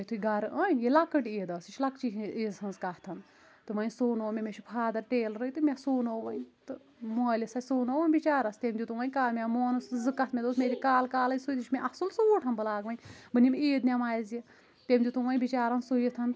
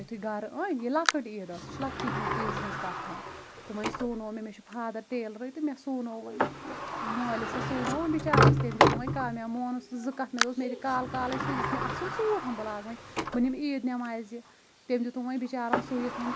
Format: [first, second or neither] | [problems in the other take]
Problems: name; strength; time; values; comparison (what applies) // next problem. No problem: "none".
first | background sound (Sliding door); 1 dB above the speech